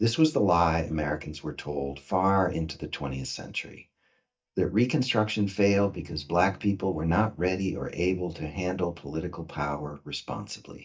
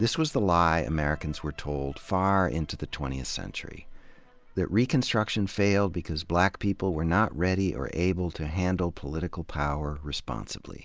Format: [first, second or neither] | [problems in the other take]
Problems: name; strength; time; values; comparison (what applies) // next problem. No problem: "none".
second | noise reduction (neural mask model DeepFilterNet 3)